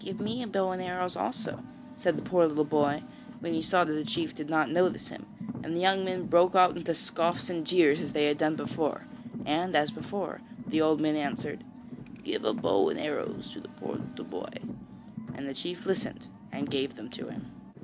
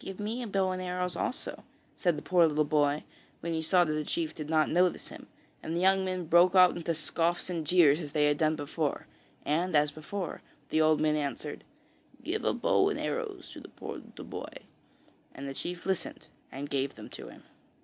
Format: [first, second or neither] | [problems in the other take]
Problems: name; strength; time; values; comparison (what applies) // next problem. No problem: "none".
second | background sound (Car); 11 dB below the speech